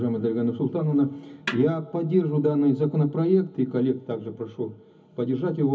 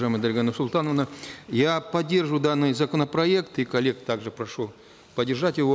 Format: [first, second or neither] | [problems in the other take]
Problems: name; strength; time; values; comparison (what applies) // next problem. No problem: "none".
second | background sound (Snare drum); 15 dB below the speech // room echo; dies away in 0.3 s